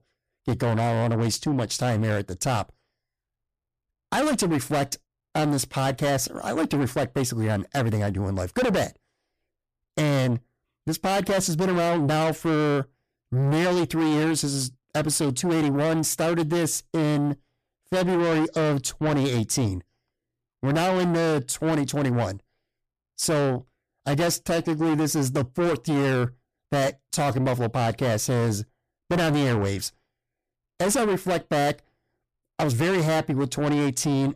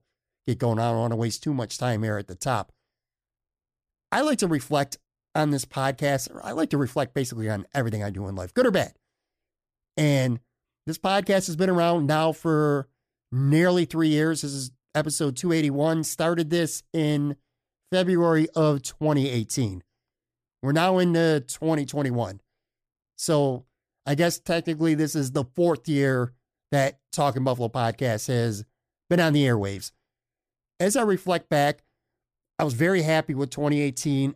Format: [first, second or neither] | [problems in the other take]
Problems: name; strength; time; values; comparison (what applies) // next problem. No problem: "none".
second | distortion; heavy; 7 dB below the speech